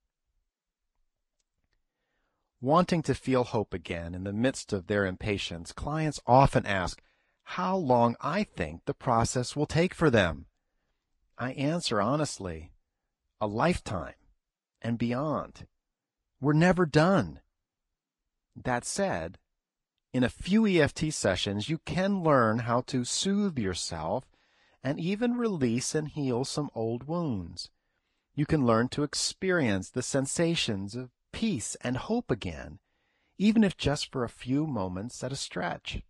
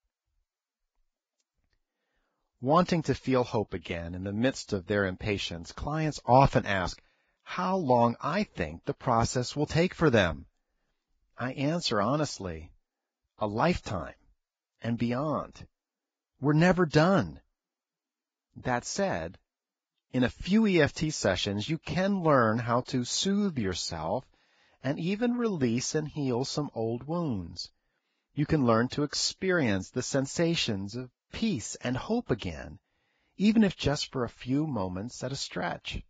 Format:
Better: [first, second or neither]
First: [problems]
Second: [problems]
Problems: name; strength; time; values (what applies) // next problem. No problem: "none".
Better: first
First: garbled, watery; slightly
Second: garbled, watery; badly; nothing above 7.5 kHz